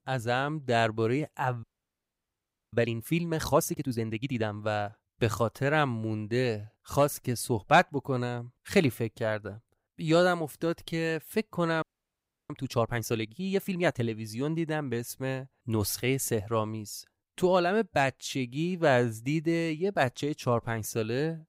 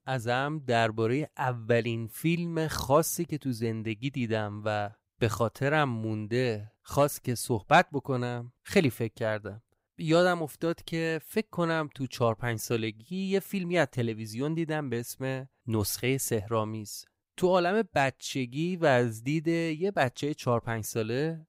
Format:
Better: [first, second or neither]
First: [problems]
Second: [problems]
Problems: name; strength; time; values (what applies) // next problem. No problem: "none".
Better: second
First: audio freezing; at 1.5 s for 1 s and at 12 s for 0.5 s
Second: none